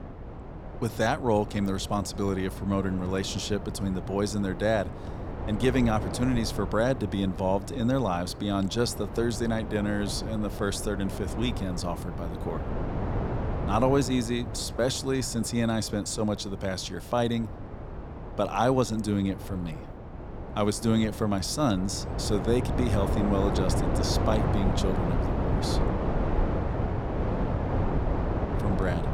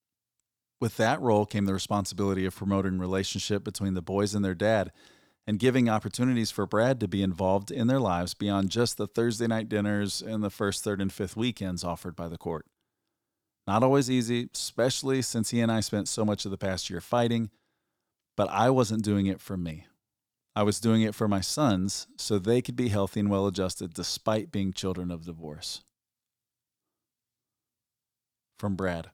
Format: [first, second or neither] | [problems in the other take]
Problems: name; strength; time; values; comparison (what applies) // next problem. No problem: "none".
second | wind noise on the microphone; heavy; 7 dB below the speech